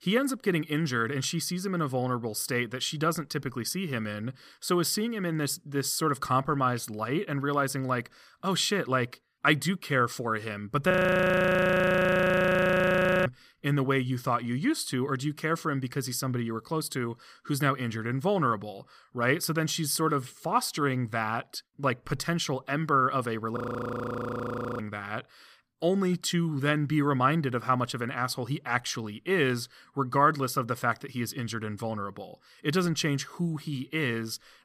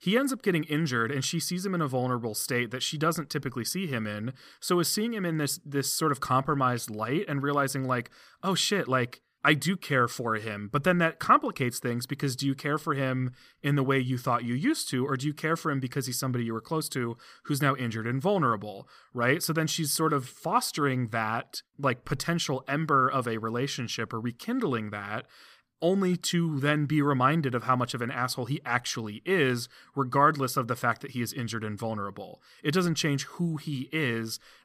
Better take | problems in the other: second | audio freezing; at 11 s for 2.5 s and at 24 s for 1 s

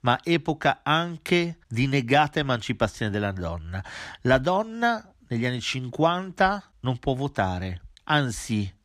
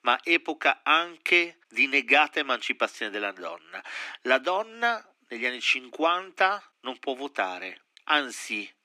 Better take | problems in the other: first | thin; somewhat; fading below 300 Hz

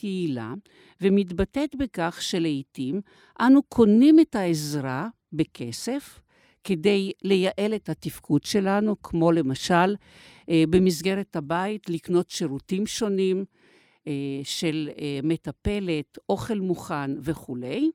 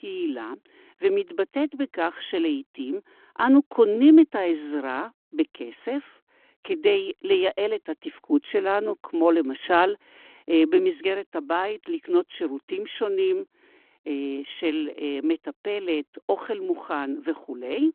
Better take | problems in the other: first | phone-call audio

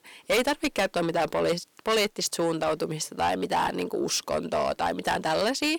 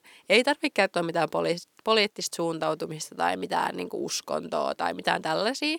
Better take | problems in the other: second | distortion; heavy; 7 dB below the speech

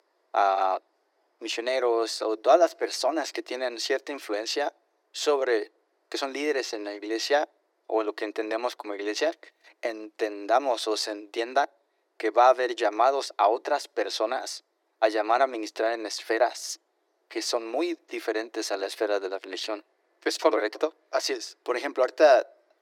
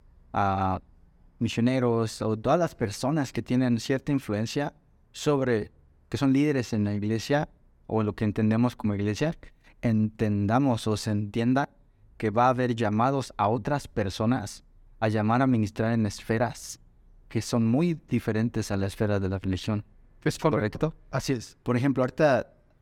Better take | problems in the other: second | thin; very; fading below 300 Hz

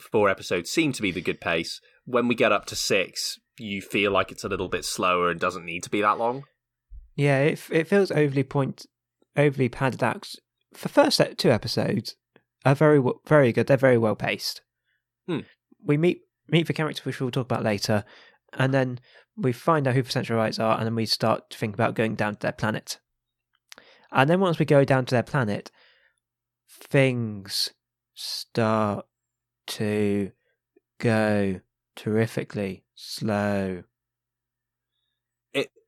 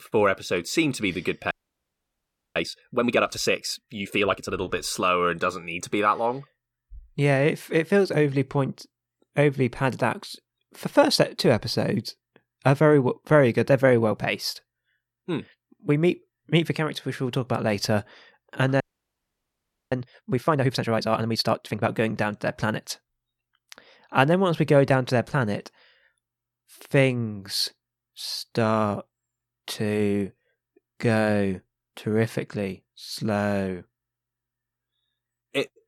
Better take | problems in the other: first | audio freezing; at 1.5 s for 1 s and at 19 s for 1 s

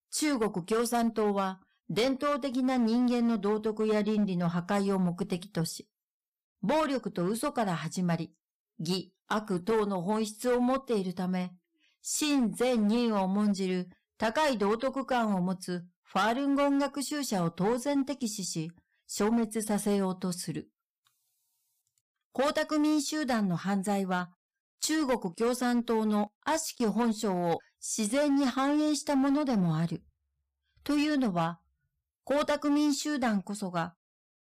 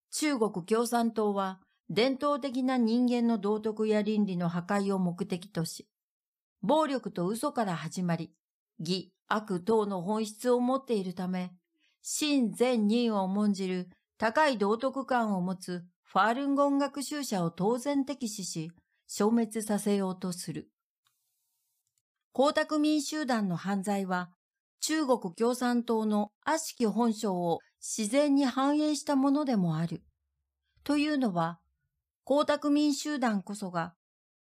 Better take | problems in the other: second | distortion; slight; 10% of the sound clipped

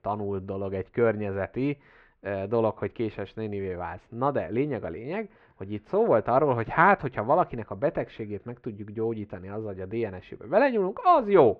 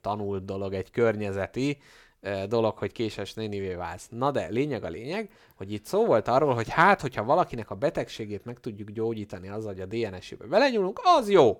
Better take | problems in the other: second | muffled; very; fading above 2.5 kHz

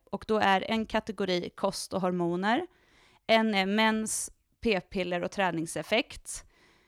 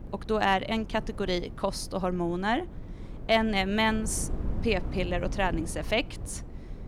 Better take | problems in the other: first | wind noise on the microphone; occasional gusts; 20 dB below the speech

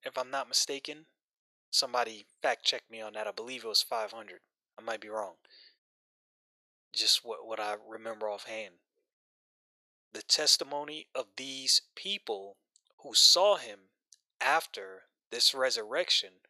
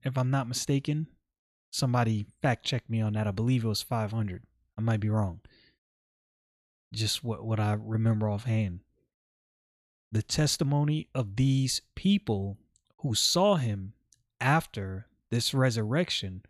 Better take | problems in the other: second | thin; very; fading below 500 Hz

